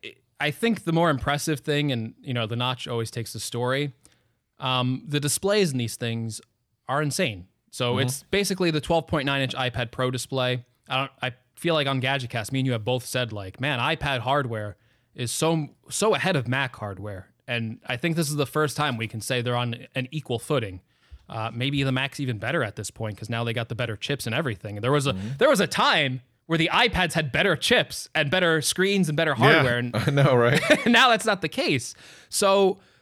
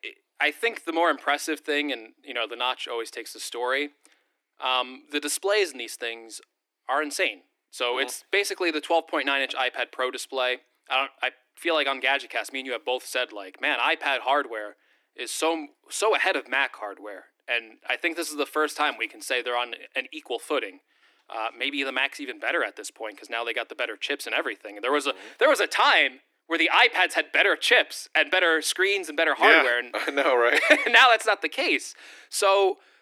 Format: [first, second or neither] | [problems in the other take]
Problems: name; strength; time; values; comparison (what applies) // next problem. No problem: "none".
first | thin; very; fading below 300 Hz